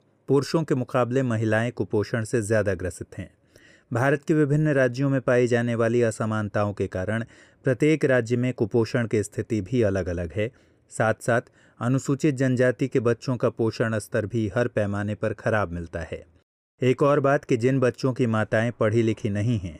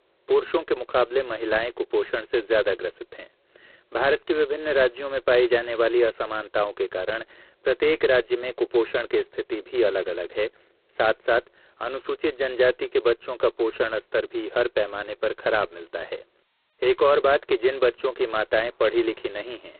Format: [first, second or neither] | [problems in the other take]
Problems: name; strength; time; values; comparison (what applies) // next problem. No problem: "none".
first | phone-call audio; poor line; nothing above 4 kHz